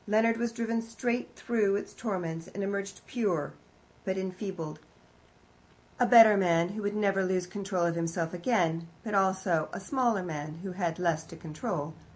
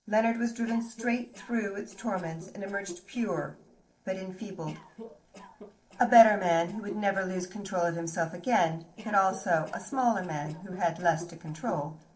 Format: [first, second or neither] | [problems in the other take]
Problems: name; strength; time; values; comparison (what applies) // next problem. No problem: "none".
first | noise reduction (neural separator model SepFormer DNS4)